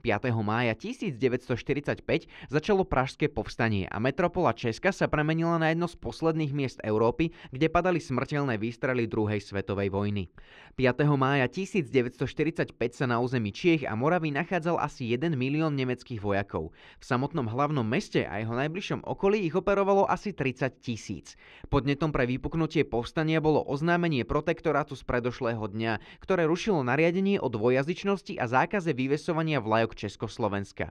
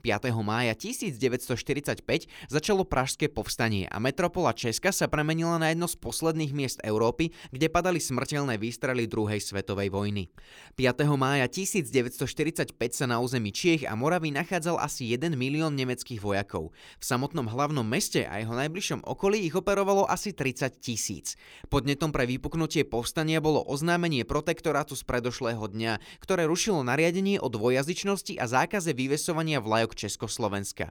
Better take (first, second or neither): second